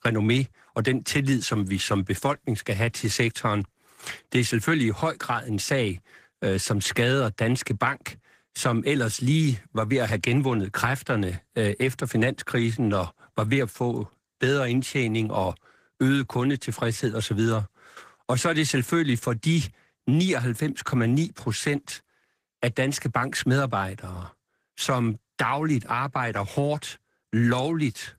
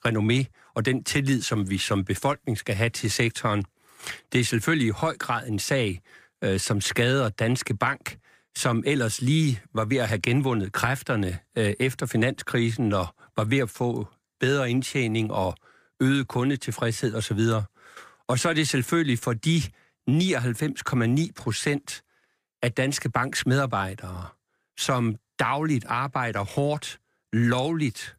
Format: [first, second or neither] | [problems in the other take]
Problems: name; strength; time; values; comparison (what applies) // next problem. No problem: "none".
second | garbled, watery; slightly; nothing above 15 kHz